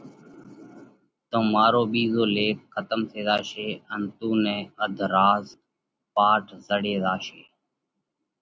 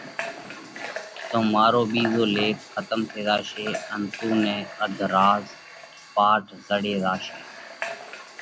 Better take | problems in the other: first | background sound (Water tap, faucet / Water); 12 dB below the speech

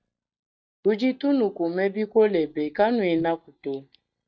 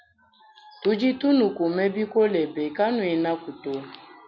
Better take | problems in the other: second | noise reduction (neural mask model DeepFilterNet 3)

